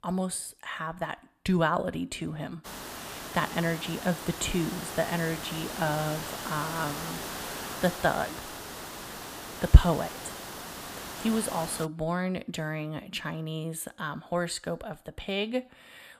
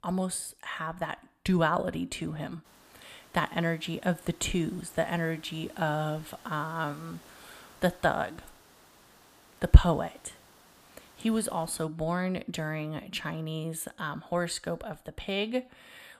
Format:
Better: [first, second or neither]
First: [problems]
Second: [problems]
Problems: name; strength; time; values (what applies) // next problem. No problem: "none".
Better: second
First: hiss; loud; from 2.5 to 12 s; 7 dB below the speech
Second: hiss; faint; from 2.5 to 12 s; 25 dB below the speech